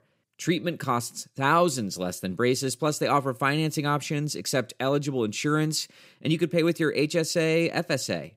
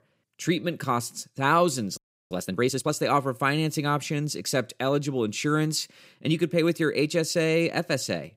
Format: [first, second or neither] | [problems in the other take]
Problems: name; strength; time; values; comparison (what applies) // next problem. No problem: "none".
first | audio freezing; at 2 s